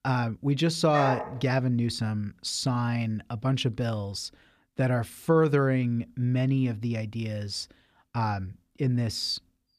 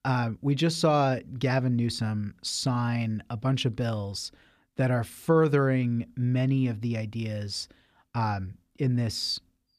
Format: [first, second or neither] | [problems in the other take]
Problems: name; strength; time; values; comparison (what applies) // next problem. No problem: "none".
second | dog barking; noticeable; at 1 s; peak 3 dB below the speech